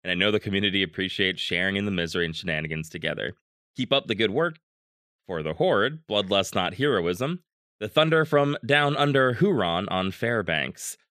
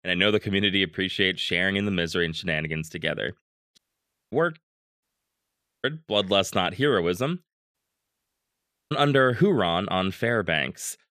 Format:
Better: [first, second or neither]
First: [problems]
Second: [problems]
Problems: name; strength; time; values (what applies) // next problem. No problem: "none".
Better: first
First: none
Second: audio cutting out; at 4 s for 0.5 s, at 5 s for 1 s and at 7.5 s for 1 s